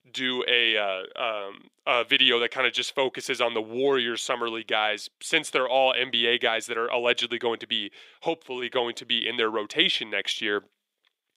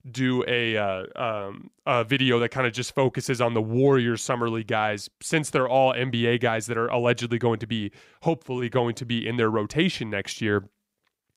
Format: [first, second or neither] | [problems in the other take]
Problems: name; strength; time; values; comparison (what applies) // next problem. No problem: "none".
second | thin; somewhat; fading below 400 Hz